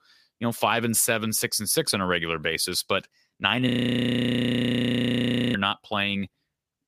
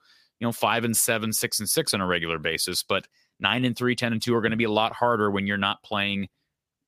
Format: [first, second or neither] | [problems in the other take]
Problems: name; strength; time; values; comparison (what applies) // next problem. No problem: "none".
second | audio freezing; at 3.5 s for 2 s